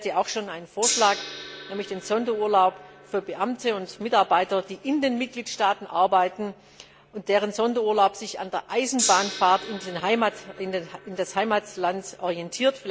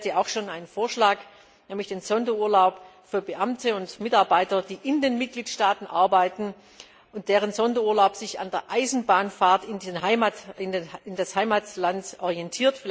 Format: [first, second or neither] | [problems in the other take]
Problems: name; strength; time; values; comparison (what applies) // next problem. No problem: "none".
second | background sound (Gong); 12 dB below the speech